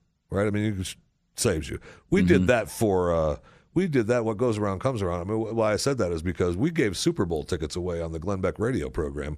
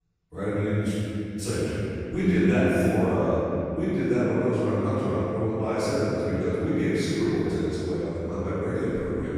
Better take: first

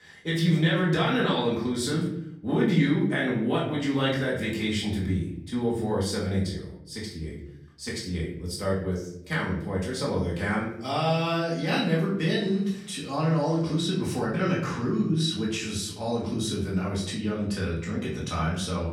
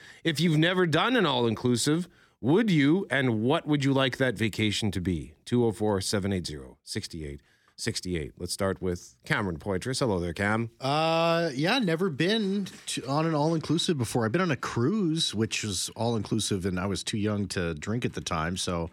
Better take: second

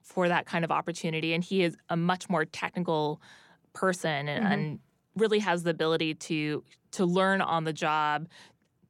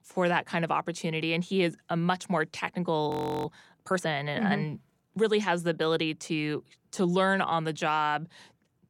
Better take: first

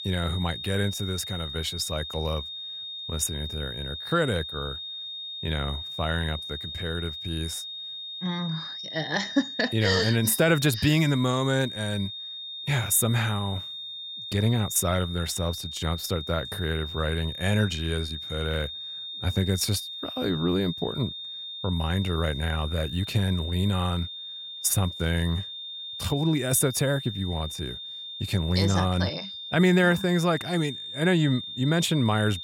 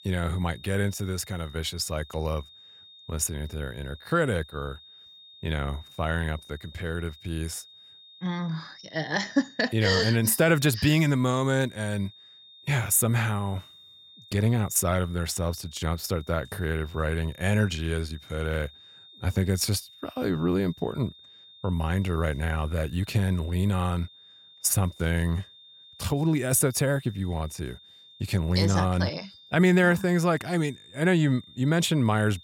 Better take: second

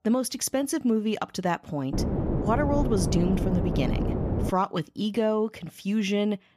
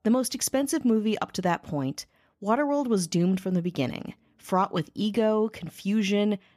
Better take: second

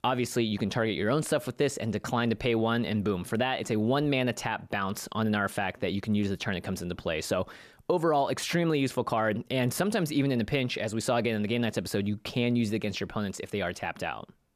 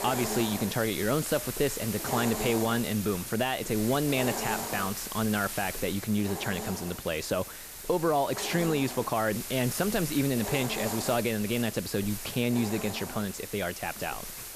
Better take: first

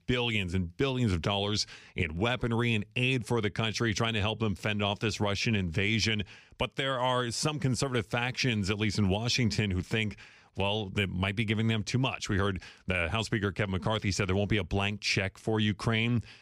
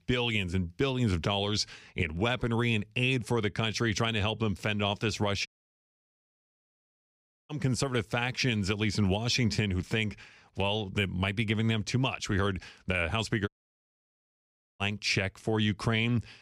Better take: first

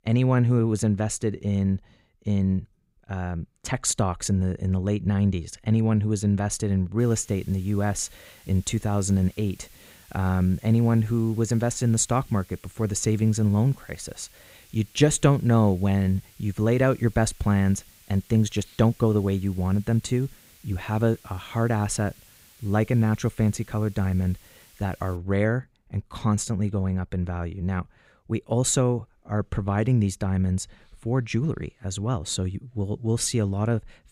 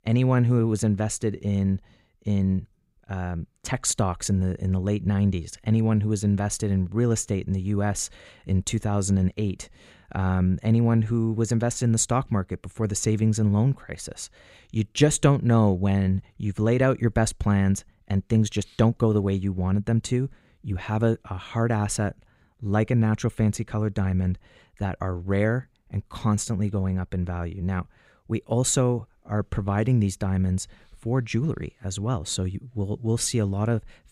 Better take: second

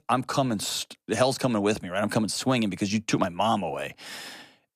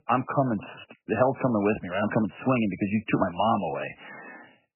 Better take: first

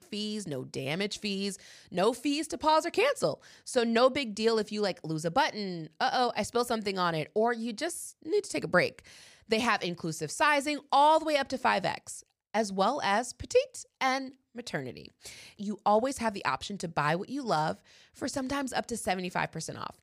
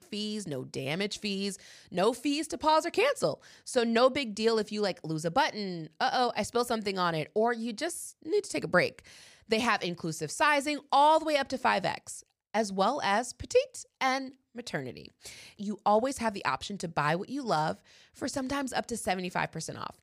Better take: neither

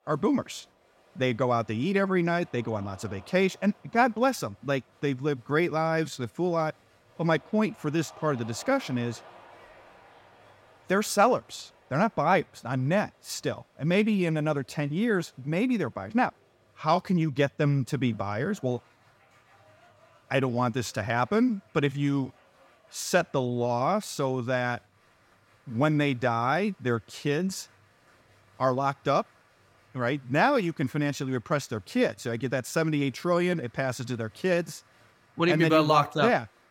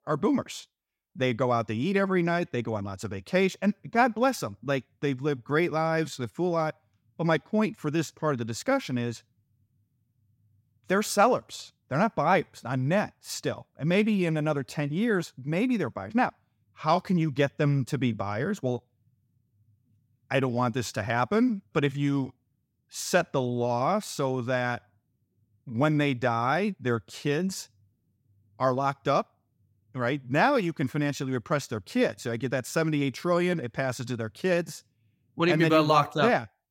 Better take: second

